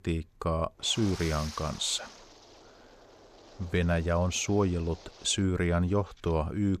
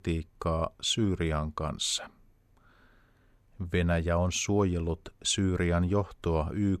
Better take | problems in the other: second | wind noise on the microphone; occasional gusts; 15 dB below the speech

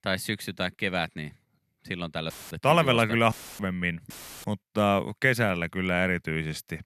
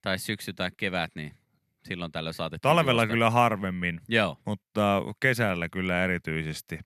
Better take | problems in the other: second | audio cutting out; filled with static; at 2.5 s, at 3.5 s and at 4 s

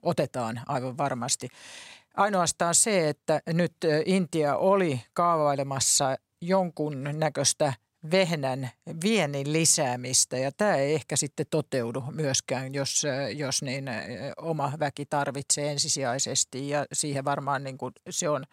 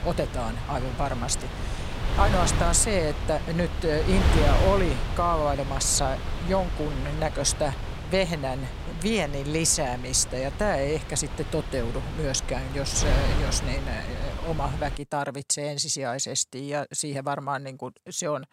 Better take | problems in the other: first | wind noise on the microphone; heavy; until 15 s; 8 dB below the speech

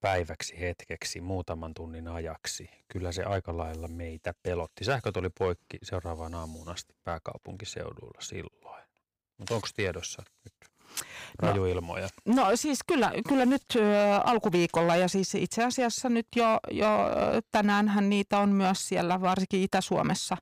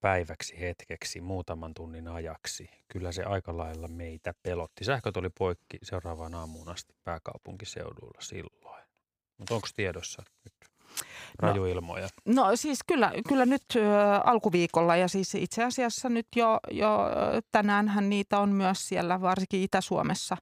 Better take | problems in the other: second | distortion; slight; 4% of the sound clipped

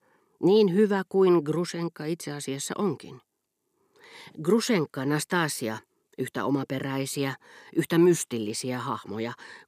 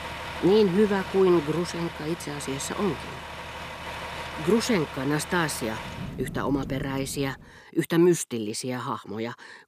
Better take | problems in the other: first | traffic noise; noticeable; until 7 s; 10 dB below the speech

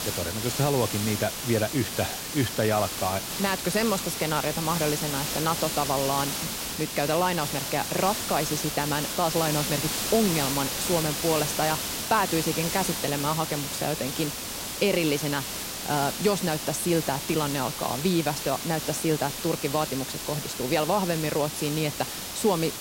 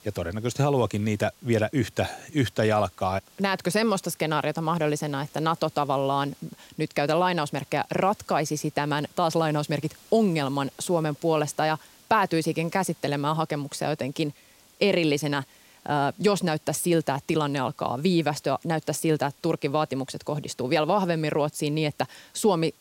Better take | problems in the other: second | hiss; loud; throughout; 3 dB below the speech; faint in the second

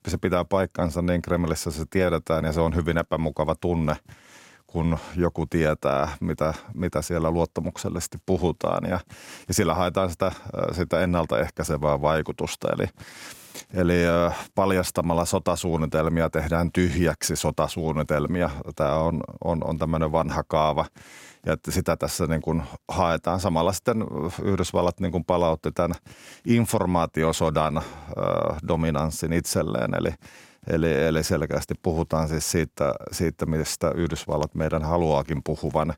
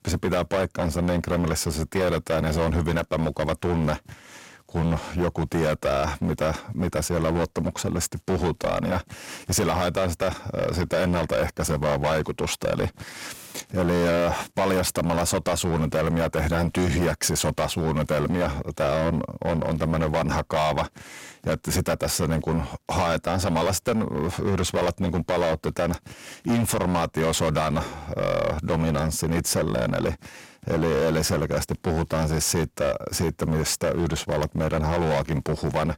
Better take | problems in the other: first | distortion; heavy; 14% of the sound clipped

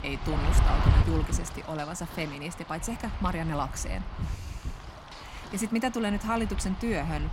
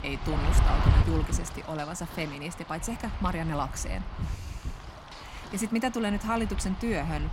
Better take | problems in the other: neither | wind noise on the microphone; heavy; 6 dB below the speech; the same in both

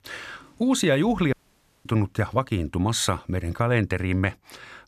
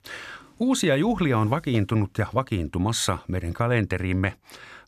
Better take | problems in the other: second | audio cutting out; at 1.5 s for 0.5 s

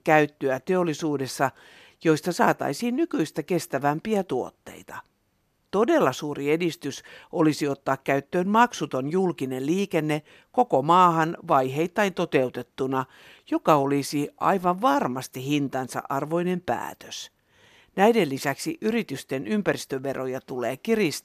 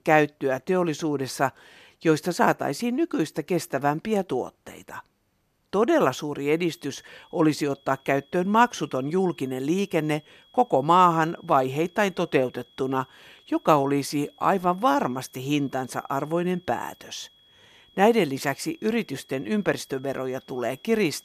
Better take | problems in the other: first | high-pitched whine; faint; from 6.5 s on; 3.5 kHz, 30 dB below the speech

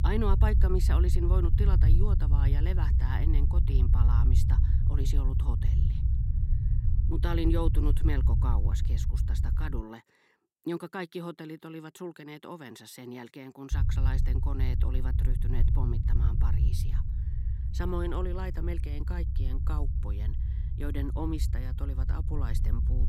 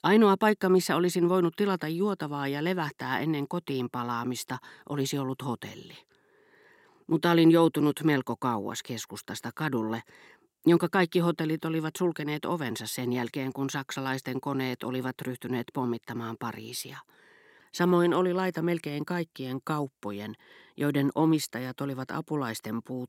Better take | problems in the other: second | low rumble; loud; until 10 s and from 14 s on; 5 dB below the speech

